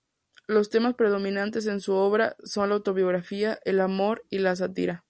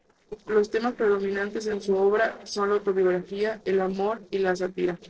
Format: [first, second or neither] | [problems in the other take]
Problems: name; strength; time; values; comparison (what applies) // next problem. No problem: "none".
first | noise reduction (neural separator model SepFormer DNS4)